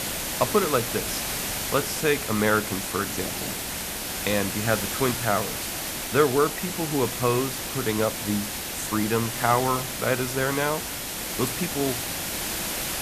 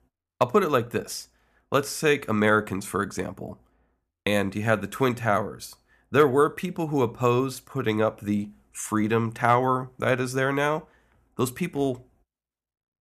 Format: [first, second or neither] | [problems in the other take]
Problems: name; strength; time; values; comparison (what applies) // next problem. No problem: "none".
second | hiss; loud; throughout; 2 dB below the speech